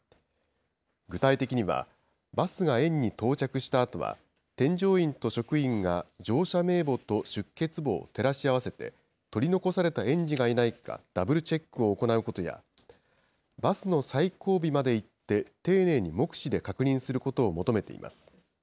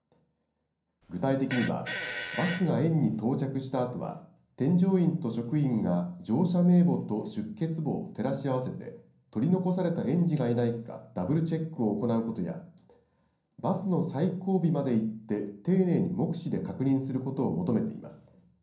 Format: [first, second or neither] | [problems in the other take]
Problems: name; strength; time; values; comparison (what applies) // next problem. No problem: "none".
first | background sound (Fart); 10 dB below the speech // room echo; dies away in 0.6 s